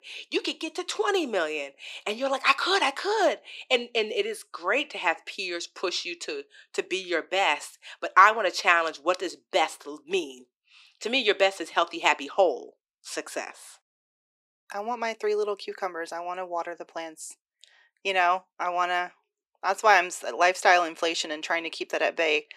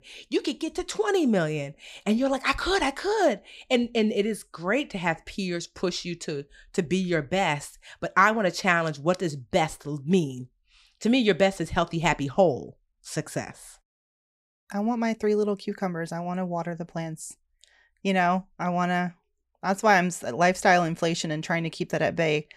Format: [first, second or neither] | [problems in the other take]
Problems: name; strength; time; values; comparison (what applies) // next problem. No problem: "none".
second | thin; very; fading below 300 Hz